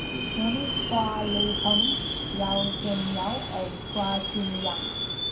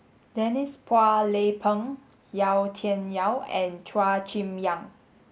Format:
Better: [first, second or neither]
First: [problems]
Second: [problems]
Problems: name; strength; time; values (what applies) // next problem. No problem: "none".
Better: second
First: background sound (Subway, metro, underground); 1 dB above the speech // room echo; dies away in 0.3 s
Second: none